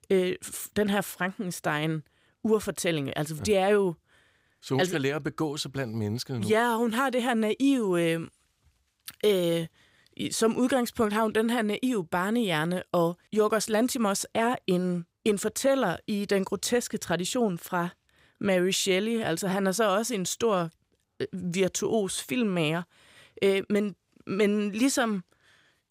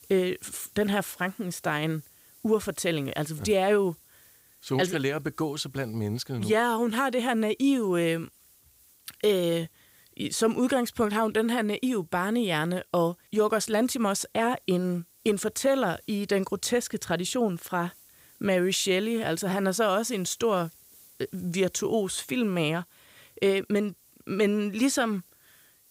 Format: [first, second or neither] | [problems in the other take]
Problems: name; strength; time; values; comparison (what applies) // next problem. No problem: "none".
first | hiss; faint; throughout; 25 dB below the speech